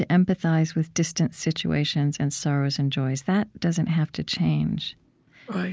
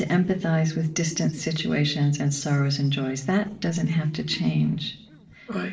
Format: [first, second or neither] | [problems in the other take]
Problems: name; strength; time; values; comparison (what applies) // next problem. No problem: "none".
first | noise reduction (neural separator model SepFormer DNS4)